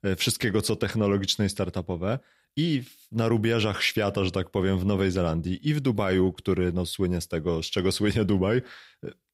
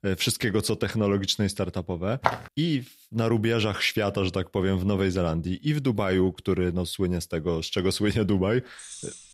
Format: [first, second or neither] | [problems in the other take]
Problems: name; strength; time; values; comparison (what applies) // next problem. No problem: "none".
first | footsteps; noticeable; at 2 s; peak 2 dB below the speech // jangling keys; faint; at 9 s; peak 15 dB below the speech